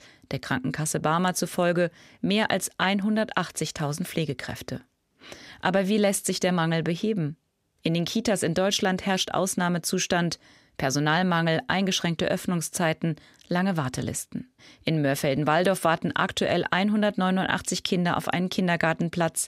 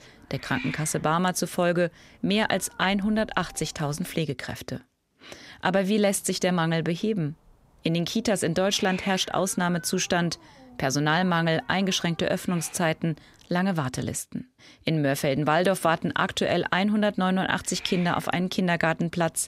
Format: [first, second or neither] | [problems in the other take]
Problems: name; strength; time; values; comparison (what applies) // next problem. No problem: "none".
first | hiss; noticeable; until 4 s, from 6 to 14 s and from 16 s on; 20 dB below the speech